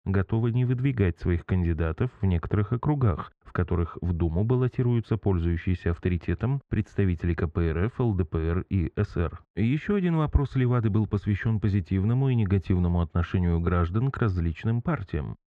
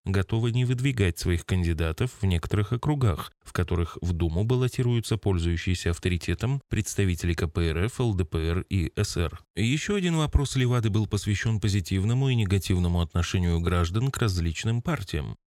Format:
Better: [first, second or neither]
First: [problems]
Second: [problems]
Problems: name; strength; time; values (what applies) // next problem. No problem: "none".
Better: second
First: muffled; very; fading above 1.5 kHz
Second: none